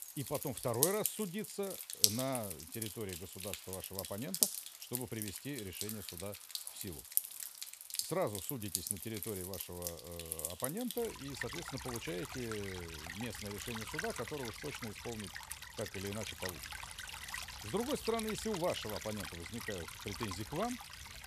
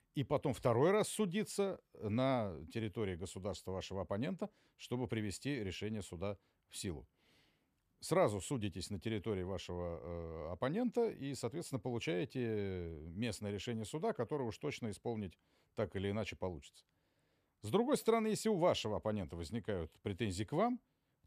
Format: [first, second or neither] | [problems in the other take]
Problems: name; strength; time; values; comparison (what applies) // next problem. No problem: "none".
second | rain or running water; very loud; throughout; 2 dB above the speech